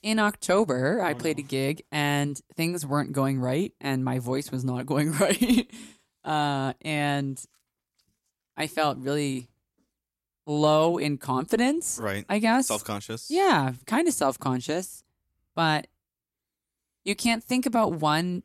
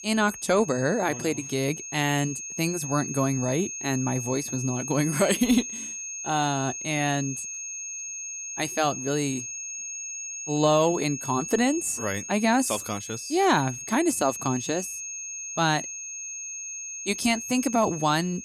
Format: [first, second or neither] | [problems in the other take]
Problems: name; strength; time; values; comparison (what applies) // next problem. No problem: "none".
first | high-pitched whine; loud; throughout; 6.5 kHz, 7 dB below the speech